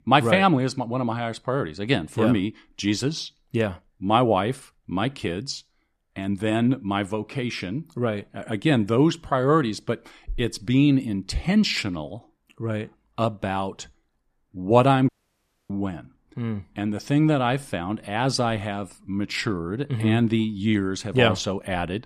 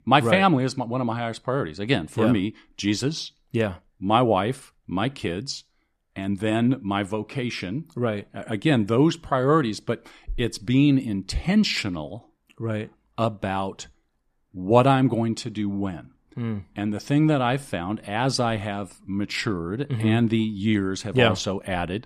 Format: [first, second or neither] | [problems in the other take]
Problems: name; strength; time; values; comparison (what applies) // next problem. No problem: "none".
second | audio cutting out; at 15 s for 0.5 s